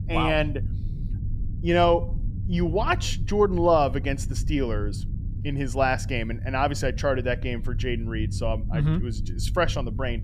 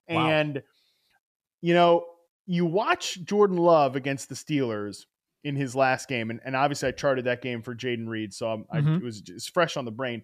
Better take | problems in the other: second | low rumble; faint; throughout; 20 dB below the speech

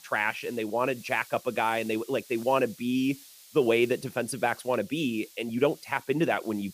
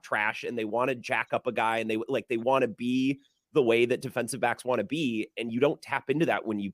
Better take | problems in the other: second | hiss; faint; throughout; 20 dB below the speech

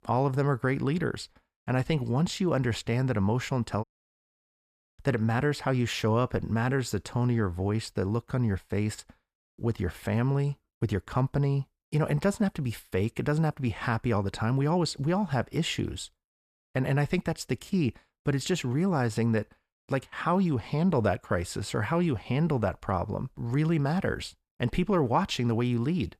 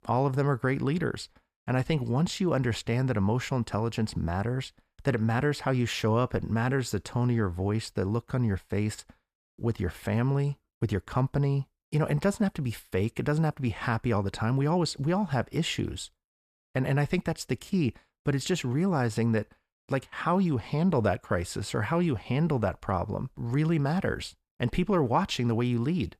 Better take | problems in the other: second | audio cutting out; at 4 s for 1 s

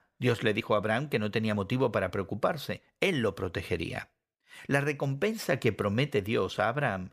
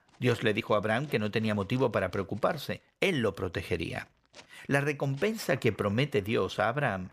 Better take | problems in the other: first | household noises; faint; throughout; 25 dB below the speech

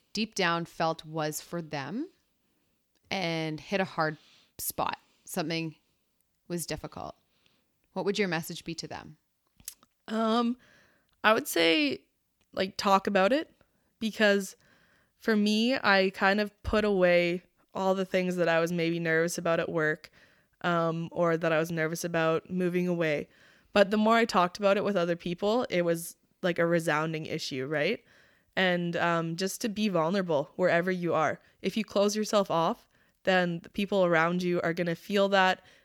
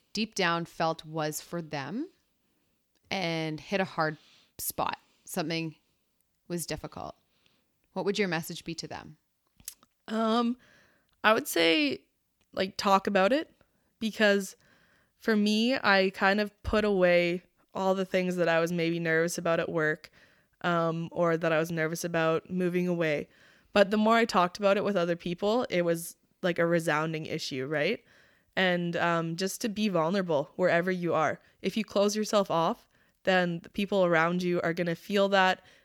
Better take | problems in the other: neither | none

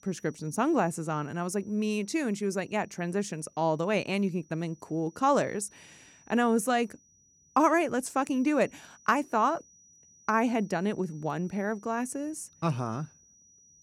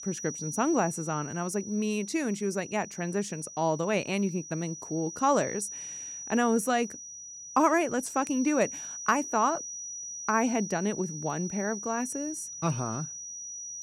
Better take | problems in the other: first | high-pitched whine; loud; throughout; 6 kHz, 9 dB below the speech; faint in the first

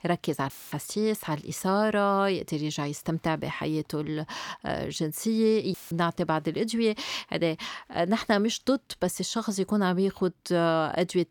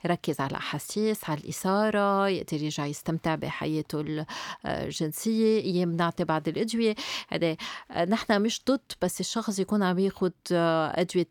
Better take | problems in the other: second | audio cutting out; filled with static; at 0.5 s and at 5.5 s

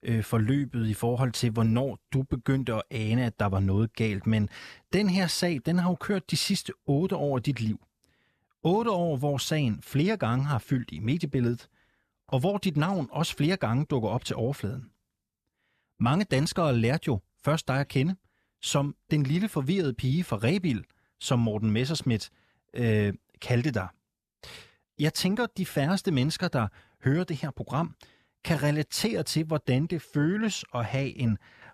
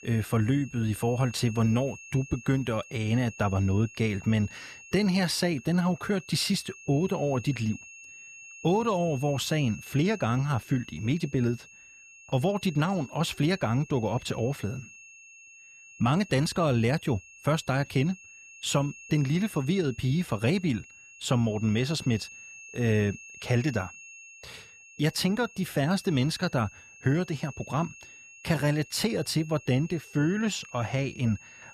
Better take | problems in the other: first | high-pitched whine; noticeable; throughout; 2.5 kHz, 20 dB below the speech

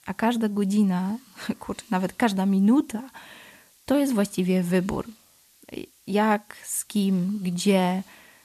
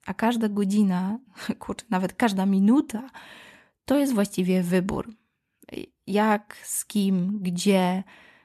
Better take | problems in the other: second | hiss; faint; throughout; 30 dB below the speech

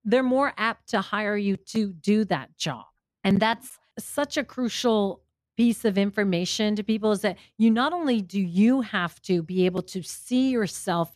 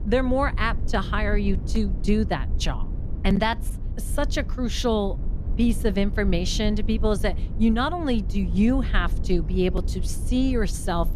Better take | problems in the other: first | low rumble; noticeable; throughout; 15 dB below the speech

